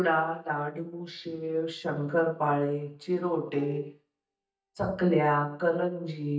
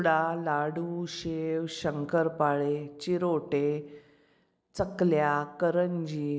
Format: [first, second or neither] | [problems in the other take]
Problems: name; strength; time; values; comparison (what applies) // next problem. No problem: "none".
second | noise reduction (neural mask model DeepFilterNet 3)